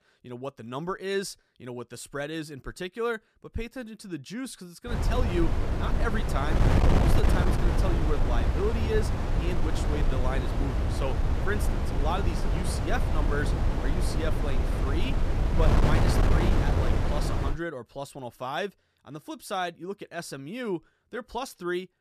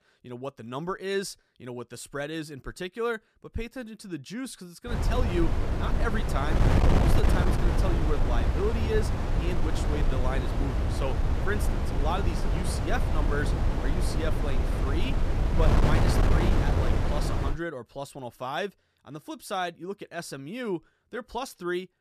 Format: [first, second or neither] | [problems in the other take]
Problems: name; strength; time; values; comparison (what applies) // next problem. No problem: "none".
neither | wind noise on the microphone; heavy; from 5 to 18 s; 1 dB above the speech; the same in both